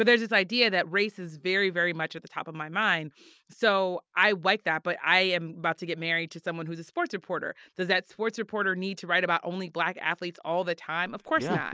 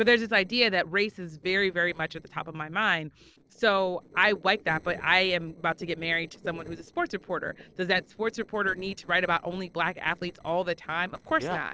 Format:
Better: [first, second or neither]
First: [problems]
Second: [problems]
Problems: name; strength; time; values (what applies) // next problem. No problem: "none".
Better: first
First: none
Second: noise reduction (neural separator model SepFormer DNS4)